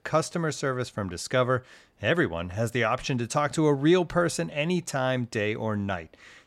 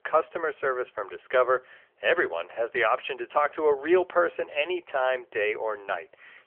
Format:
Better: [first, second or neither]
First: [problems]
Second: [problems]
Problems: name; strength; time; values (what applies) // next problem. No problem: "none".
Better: first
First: none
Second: phone-call audio; nothing above 3 kHz